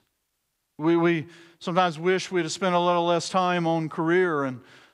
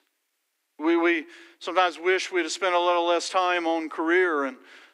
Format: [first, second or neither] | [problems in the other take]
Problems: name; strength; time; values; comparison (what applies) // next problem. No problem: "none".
first | thin; somewhat; fading below 300 Hz